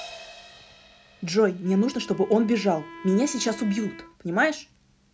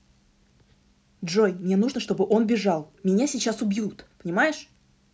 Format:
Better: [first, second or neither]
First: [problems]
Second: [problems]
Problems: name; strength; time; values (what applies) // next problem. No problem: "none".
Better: second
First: background sound (Wind instrument, woodwind instrument + Crash cymbal); 18 dB below the speech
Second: none